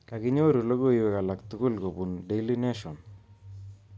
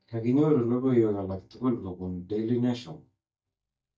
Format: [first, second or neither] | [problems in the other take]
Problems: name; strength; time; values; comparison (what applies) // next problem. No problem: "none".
first | noise reduction (neural mask model DeepFilterNet 3)